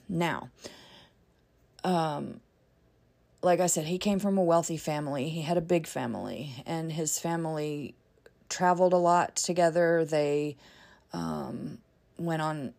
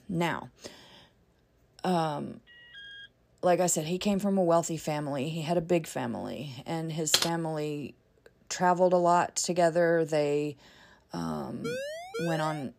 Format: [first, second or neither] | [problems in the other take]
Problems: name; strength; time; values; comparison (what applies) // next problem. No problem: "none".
first | alarm; faint; at 2.5 s; peak 15 dB below the speech // keyboard typing; loud; at 7 s; peak 2 dB above the speech // siren; noticeable; at 12 s; peak 7 dB below the speech